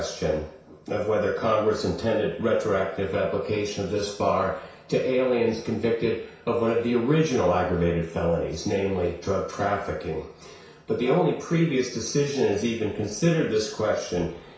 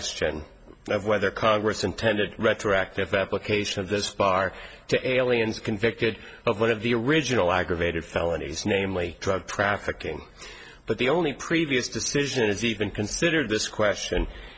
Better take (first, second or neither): second